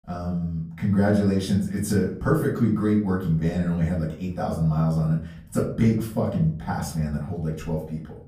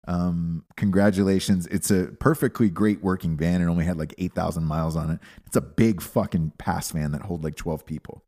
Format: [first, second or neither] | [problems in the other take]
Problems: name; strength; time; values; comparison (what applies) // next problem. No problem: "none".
second | off-mic speech; far // room echo; slight; dies away in 0.4 s